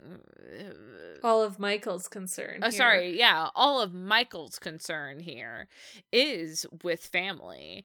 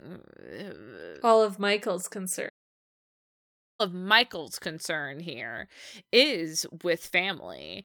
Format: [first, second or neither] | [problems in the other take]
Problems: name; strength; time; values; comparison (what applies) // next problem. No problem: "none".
first | audio cutting out; at 2.5 s for 1.5 s